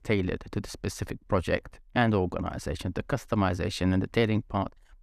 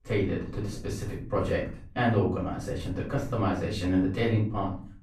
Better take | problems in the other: first | room echo; noticeable; dies away in 0.5 s // off-mic speech; far

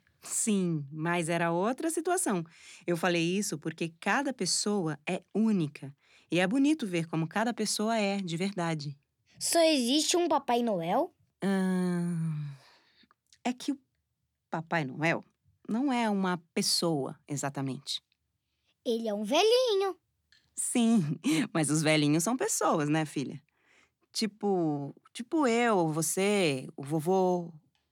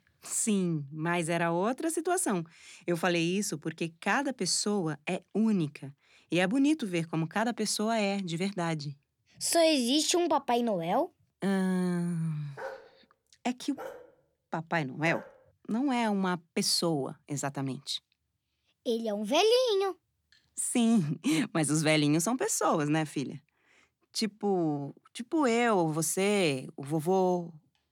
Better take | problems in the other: first | dog barking; faint; from 13 to 15 s; peak 15 dB below the speech

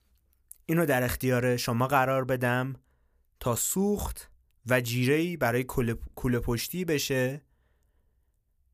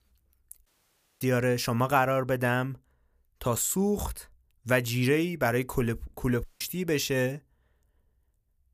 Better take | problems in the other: first | audio cutting out; at 0.5 s for 0.5 s and at 6.5 s

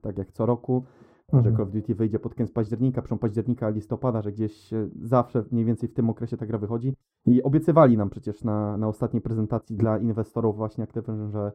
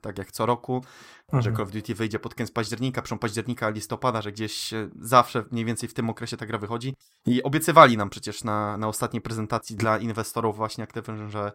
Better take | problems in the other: second | muffled; very; fading above 1 kHz

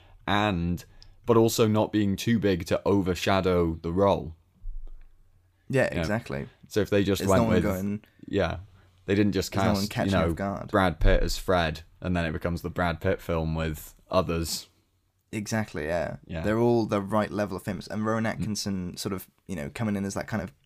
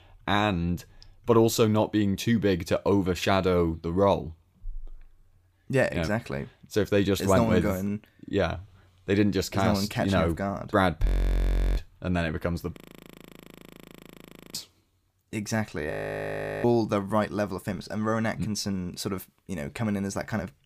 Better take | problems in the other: first | audio freezing; at 11 s for 0.5 s, at 13 s for 2 s and at 16 s for 0.5 s

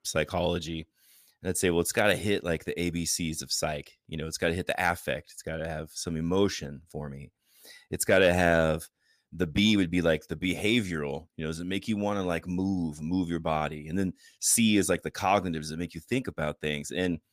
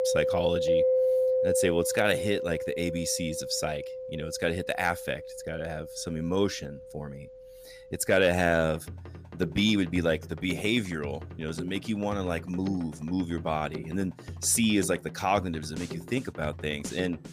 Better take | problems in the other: first | background music; loud; throughout; 4 dB below the speech

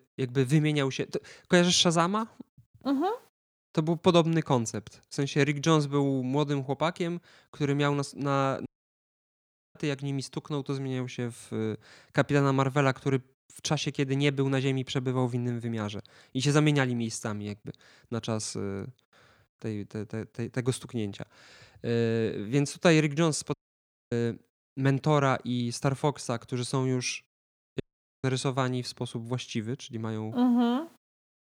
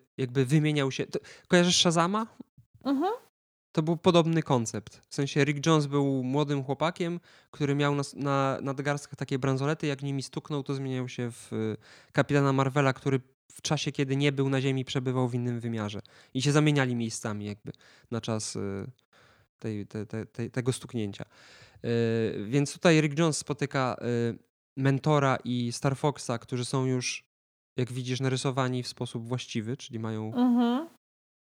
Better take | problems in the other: second | audio cutting out; at 8.5 s for 1 s, at 24 s for 0.5 s and at 28 s

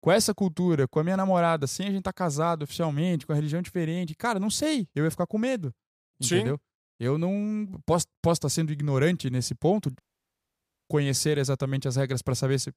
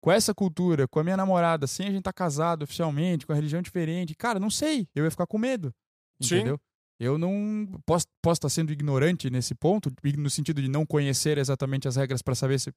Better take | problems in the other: second | audio cutting out; at 10 s for 1 s

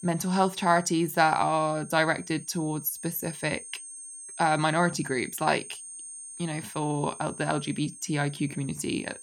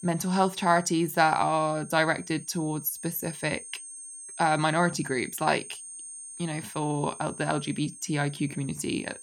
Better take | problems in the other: neither | high-pitched whine; noticeable; throughout; 8.5 kHz, 15 dB below the speech; the same in both

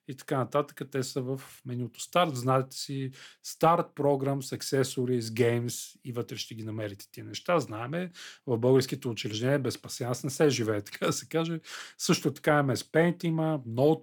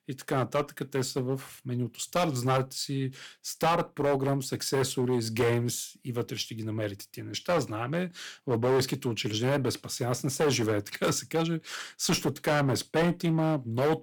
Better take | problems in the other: first | distortion; heavy; 8% of the sound clipped

